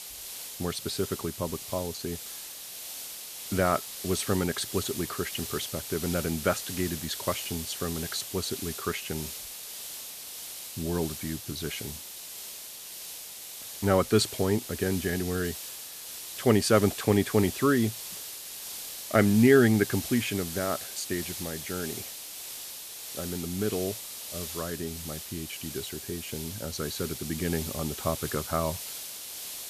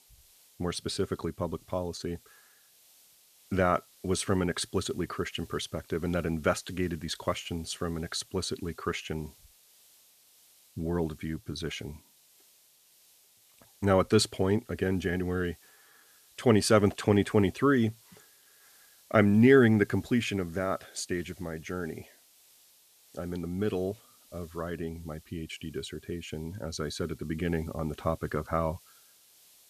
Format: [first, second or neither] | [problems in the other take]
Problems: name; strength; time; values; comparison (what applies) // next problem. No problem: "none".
second | hiss; loud; throughout; 7 dB below the speech; faint in the second